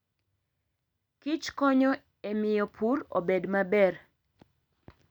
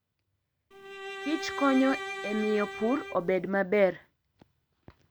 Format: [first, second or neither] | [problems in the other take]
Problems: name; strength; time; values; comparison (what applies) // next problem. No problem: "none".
first | background sound (Bowed string instrument); 8 dB below the speech